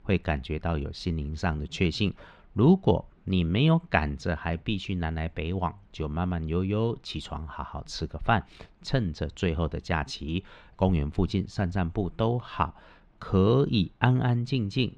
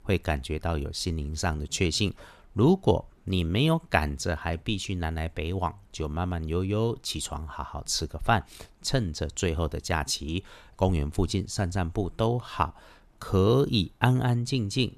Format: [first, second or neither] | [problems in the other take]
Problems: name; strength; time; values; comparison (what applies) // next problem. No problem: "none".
second | muffled; slightly; fading above 3 kHz